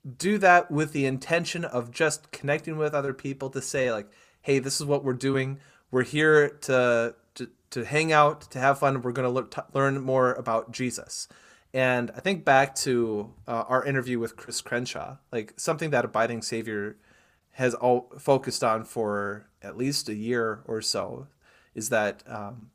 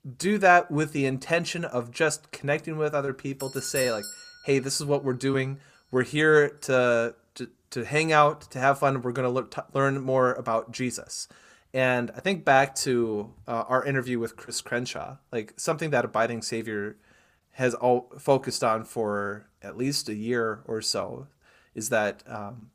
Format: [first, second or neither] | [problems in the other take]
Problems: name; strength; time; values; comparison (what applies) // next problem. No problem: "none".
first | doorbell; noticeable; at 3.5 s; peak 7 dB below the speech